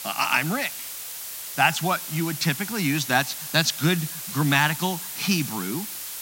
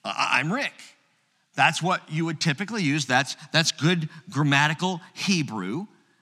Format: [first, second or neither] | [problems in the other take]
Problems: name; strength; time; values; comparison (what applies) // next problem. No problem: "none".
second | hiss; loud; throughout; 8 dB below the speech